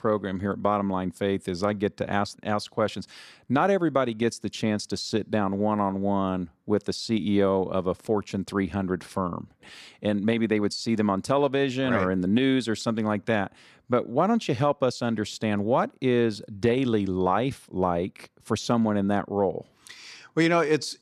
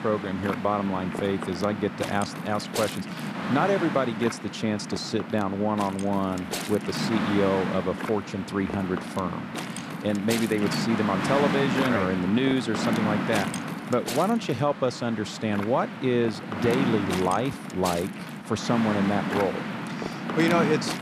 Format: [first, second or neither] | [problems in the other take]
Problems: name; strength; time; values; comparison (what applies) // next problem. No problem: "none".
first | wind noise on the microphone; heavy; 4 dB below the speech